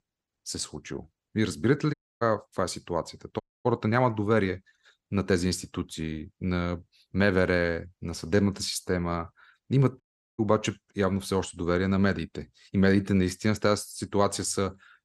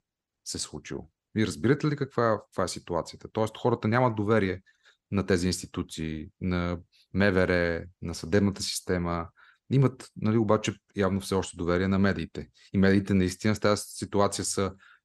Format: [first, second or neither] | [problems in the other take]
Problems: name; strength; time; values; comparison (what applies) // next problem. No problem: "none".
second | audio cutting out; at 2 s, at 3.5 s and at 10 s